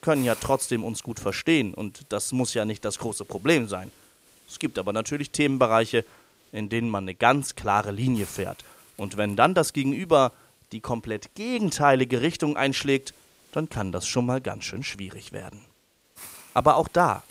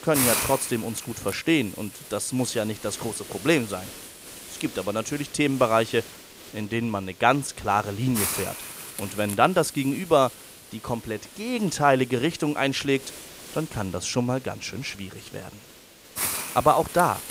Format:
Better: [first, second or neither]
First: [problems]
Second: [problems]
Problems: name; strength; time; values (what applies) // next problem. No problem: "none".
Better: first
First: hiss; faint; throughout; 25 dB below the speech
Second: hiss; loud; throughout; 8 dB below the speech